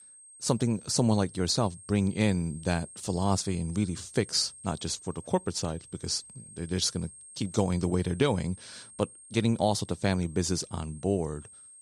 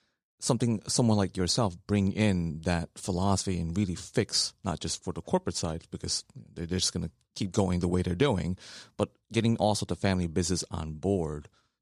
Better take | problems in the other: second | high-pitched whine; noticeable; throughout; 8.5 kHz, 20 dB below the speech

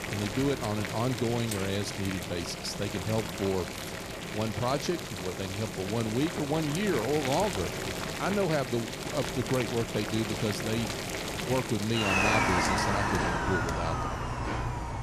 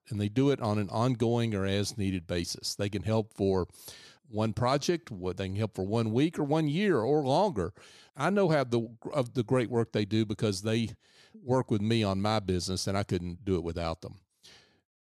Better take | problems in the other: second | household noises; loud; throughout; 1 dB below the speech

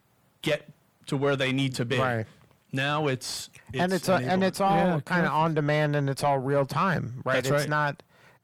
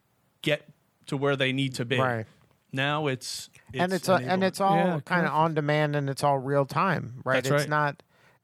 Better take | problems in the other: second | distortion; slight; 10 dB below the speech

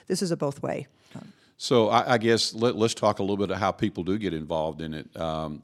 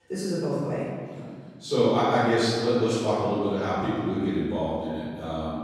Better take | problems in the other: first | off-mic speech; far // room echo; strong; dies away in 1.8 s

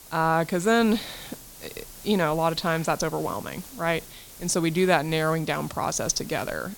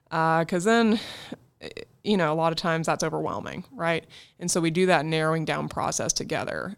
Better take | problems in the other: second | hiss; noticeable; throughout; 15 dB below the speech

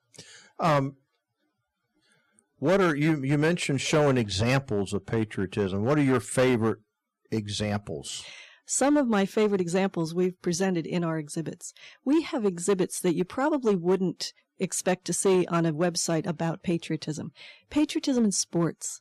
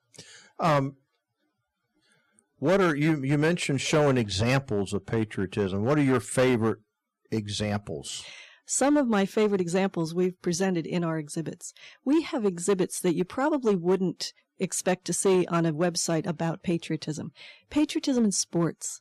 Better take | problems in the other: neither | distortion; slight; 5% of the sound clipped; the same in both

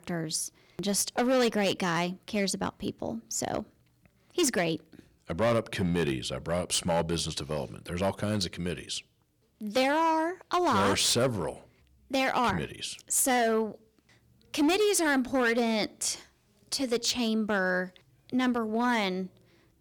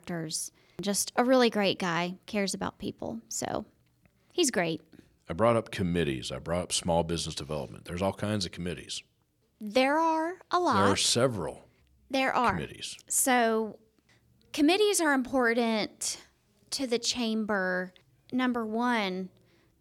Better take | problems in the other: second | distortion; slight; 6% of the sound clipped

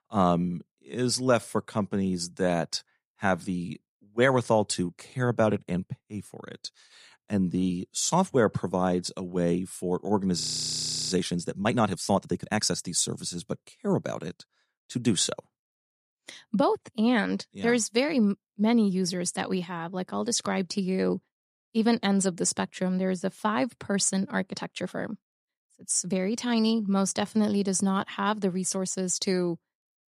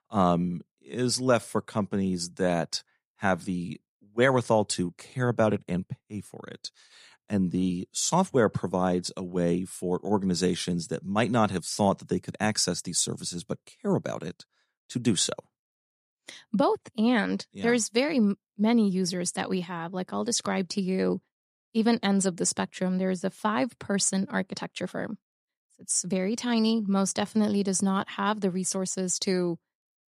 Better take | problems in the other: second | audio freezing; at 10 s for 0.5 s

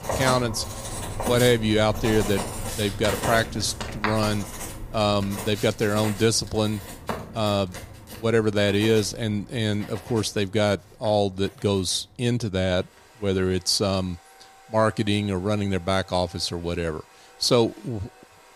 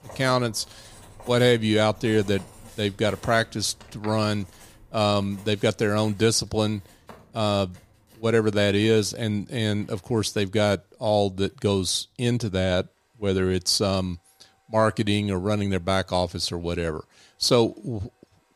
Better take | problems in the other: second | household noises; loud; throughout; 9 dB below the speech; faint in the second

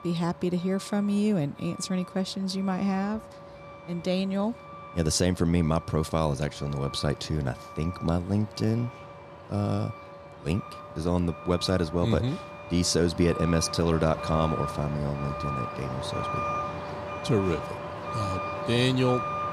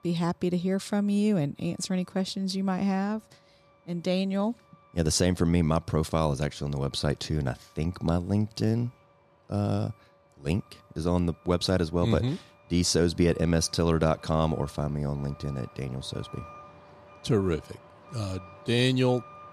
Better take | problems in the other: second | traffic noise; loud; throughout; 9 dB below the speech; faint in the second

